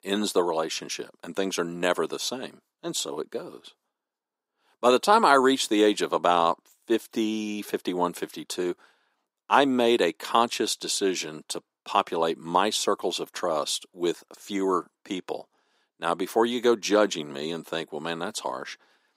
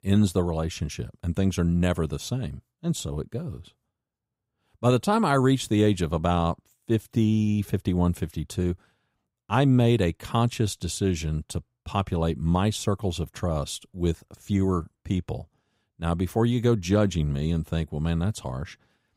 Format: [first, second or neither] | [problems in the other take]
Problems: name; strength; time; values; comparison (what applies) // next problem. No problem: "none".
second | thin; somewhat; fading below 300 Hz